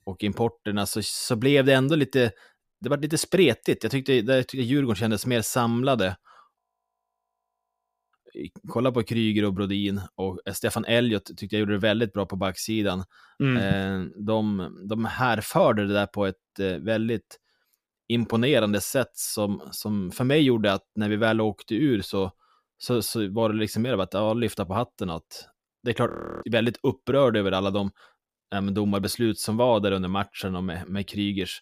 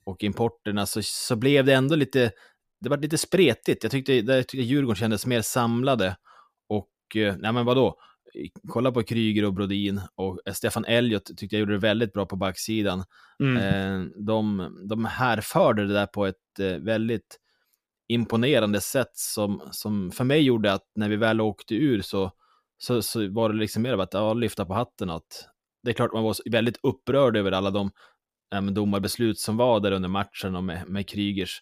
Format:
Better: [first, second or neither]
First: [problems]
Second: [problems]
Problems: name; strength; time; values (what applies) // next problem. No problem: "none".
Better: second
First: audio freezing; at 6.5 s for 1.5 s and at 26 s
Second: none